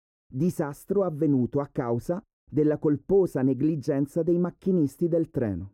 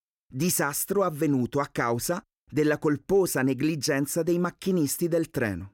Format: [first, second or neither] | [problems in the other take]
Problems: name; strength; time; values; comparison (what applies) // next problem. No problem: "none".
second | muffled; very; fading above 1 kHz